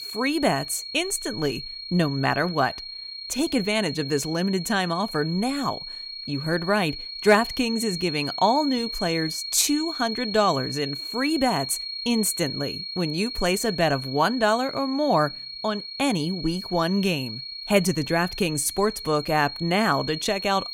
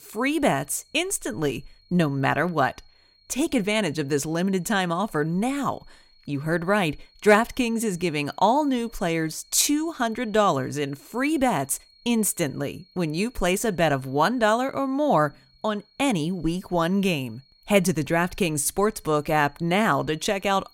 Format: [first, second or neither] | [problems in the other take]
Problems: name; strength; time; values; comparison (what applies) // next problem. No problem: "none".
second | high-pitched whine; loud; throughout; 4.5 kHz, 8 dB below the speech; faint in the second